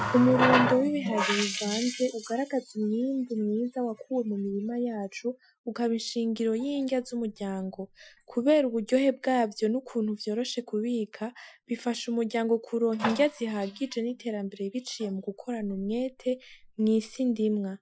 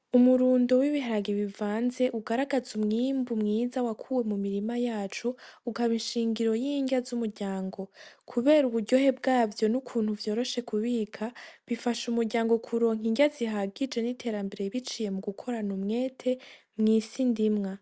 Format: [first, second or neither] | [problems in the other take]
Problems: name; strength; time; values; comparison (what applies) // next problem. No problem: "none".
second | noise reduction (classical method Wiener filter)